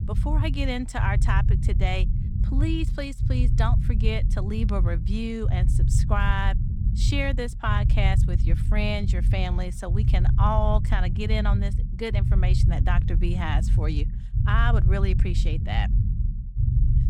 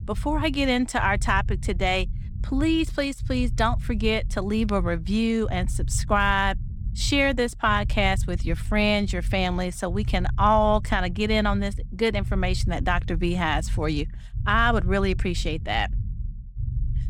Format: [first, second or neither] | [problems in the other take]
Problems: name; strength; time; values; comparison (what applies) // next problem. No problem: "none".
second | low rumble; loud; throughout; 9 dB below the speech; faint in the second